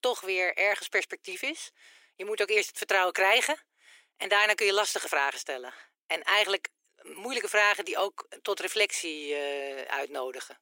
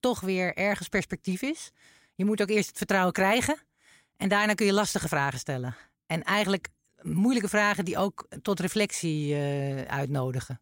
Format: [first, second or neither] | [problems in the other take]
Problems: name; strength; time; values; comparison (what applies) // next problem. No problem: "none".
second | thin; very; fading below 350 Hz